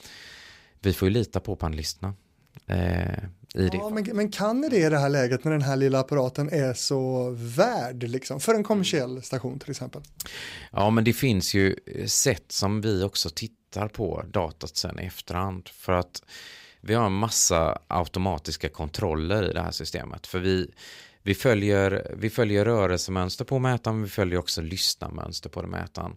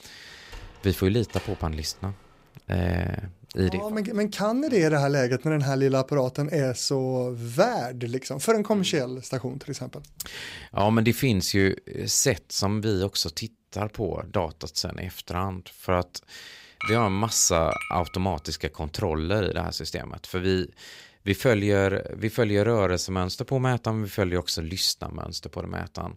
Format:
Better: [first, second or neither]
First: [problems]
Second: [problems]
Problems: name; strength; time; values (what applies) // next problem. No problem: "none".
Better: first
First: none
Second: door banging; faint; until 3 s; peak 15 dB below the speech // clattering dishes; noticeable; from 17 to 18 s; peak 4 dB below the speech